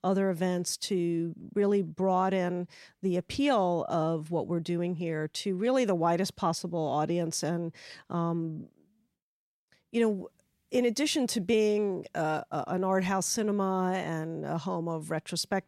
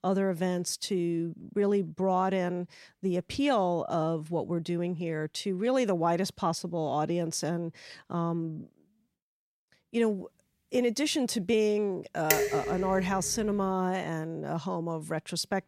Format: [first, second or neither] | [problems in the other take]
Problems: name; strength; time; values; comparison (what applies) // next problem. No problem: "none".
first | clattering dishes; loud; at 12 s; peak 3 dB above the speech